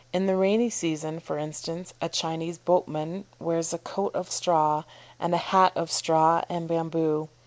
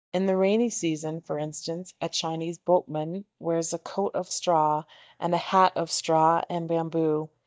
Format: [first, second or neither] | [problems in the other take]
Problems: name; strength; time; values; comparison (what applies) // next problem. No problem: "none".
first | noise reduction (neural mask model DeepFilterNet 3)